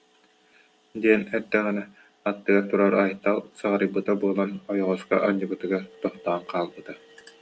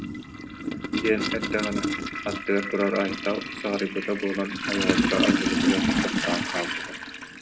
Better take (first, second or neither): first